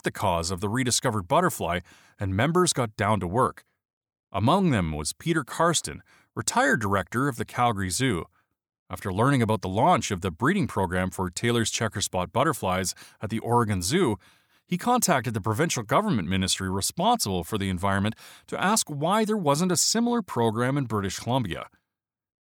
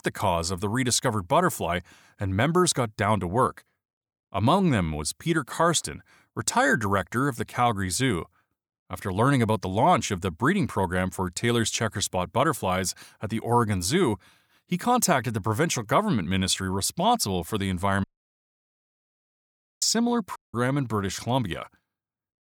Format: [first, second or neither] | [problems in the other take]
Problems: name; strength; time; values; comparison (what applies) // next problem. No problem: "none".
first | audio cutting out; at 18 s for 2 s and at 20 s